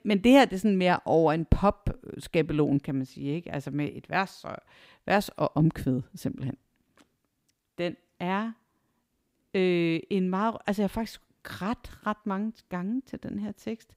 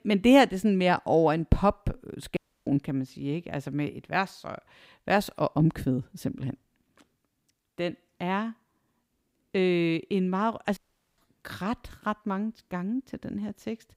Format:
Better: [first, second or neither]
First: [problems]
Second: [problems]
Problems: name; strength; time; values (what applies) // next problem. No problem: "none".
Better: first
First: none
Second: audio cutting out; at 2.5 s and at 11 s